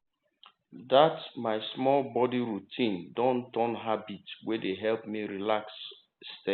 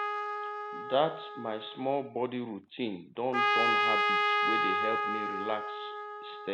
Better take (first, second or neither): first